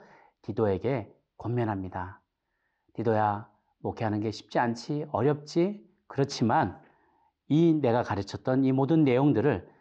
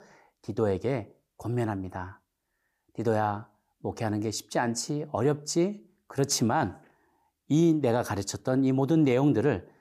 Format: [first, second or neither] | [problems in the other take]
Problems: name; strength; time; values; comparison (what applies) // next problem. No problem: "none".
second | muffled; slightly; fading above 4.5 kHz